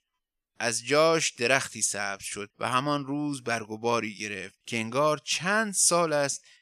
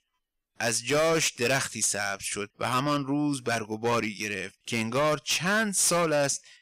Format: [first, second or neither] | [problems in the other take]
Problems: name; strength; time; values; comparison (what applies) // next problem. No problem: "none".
first | distortion; heavy; 10% of the sound clipped